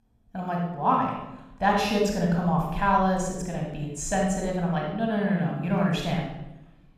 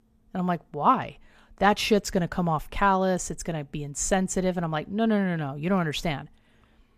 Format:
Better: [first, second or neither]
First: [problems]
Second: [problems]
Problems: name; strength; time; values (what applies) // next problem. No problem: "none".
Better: second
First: off-mic speech; somewhat distant // room echo; noticeable; dies away in 0.8 s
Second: none